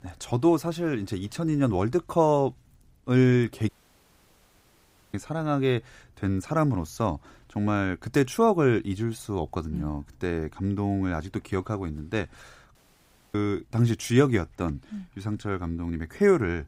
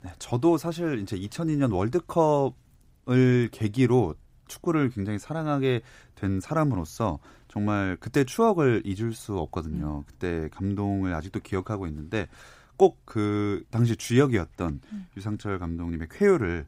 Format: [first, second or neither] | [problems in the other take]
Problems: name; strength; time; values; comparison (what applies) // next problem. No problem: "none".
second | audio cutting out; at 3.5 s for 1.5 s and at 13 s for 0.5 s